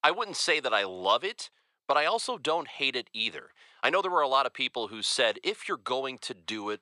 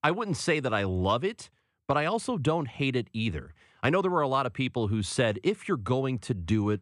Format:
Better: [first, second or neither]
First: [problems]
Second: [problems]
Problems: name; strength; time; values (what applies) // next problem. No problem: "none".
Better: second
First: thin; very; fading below 650 Hz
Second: none